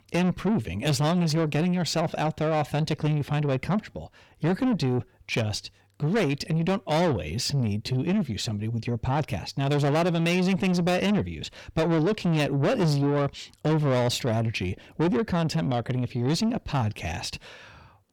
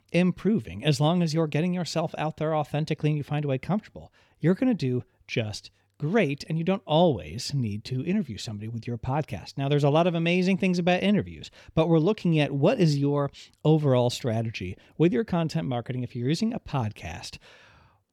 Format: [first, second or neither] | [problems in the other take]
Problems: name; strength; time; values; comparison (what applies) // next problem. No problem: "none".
second | distortion; heavy; 8 dB below the speech